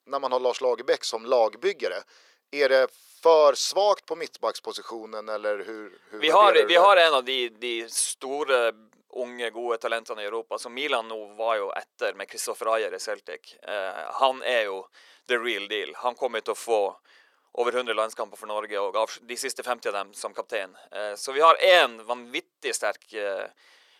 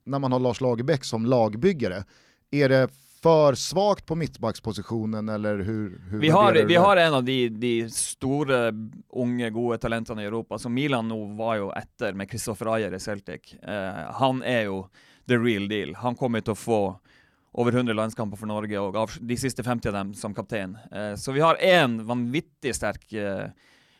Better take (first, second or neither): second